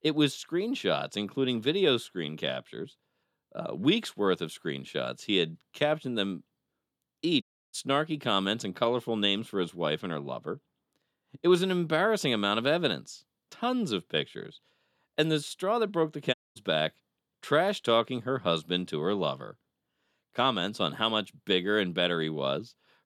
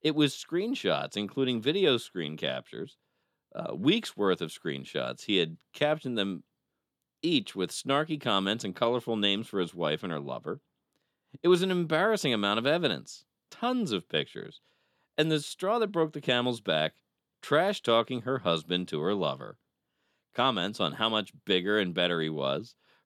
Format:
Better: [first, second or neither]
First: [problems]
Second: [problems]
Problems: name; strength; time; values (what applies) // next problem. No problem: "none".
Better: second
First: audio cutting out; at 7.5 s and at 16 s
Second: none